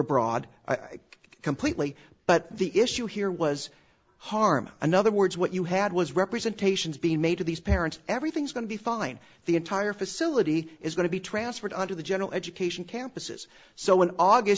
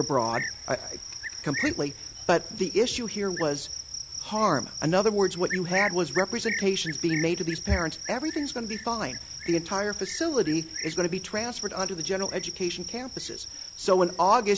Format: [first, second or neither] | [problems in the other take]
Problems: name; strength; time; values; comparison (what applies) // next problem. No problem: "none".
first | background sound (Cricket); 8 dB below the speech